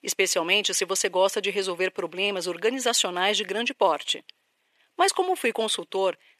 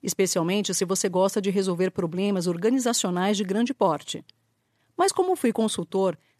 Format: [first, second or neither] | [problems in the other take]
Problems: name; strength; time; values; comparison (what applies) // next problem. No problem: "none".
second | thin; somewhat; fading below 500 Hz